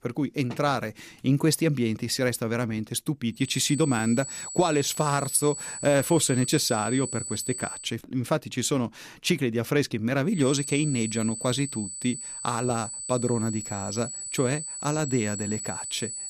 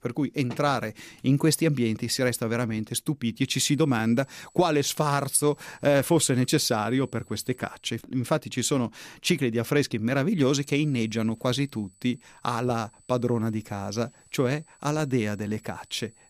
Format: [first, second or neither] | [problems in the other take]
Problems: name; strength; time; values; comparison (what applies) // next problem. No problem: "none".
second | high-pitched whine; loud; from 3.5 to 8 s and from 10 s on; 8 kHz, 7 dB below the speech; faint in the second